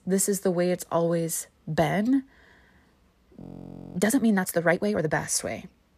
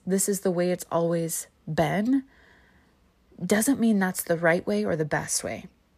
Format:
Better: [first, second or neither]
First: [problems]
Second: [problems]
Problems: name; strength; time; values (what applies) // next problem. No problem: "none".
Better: second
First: audio freezing; at 3.5 s for 0.5 s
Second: none